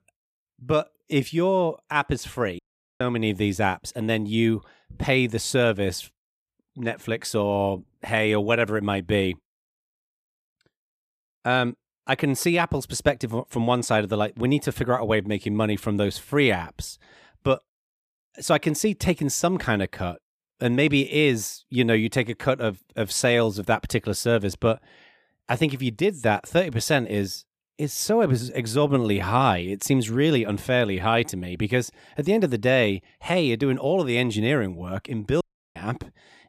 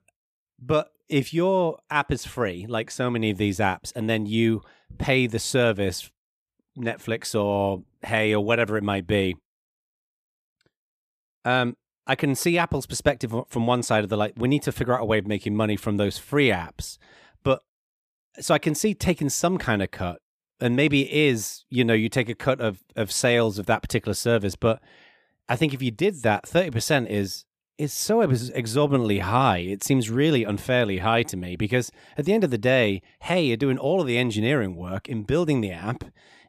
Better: second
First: audio cutting out; at 2.5 s and at 35 s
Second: none

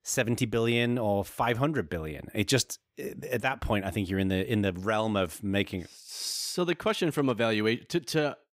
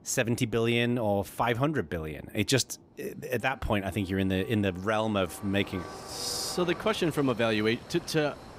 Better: first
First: none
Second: train or aircraft noise; noticeable; throughout; 20 dB below the speech

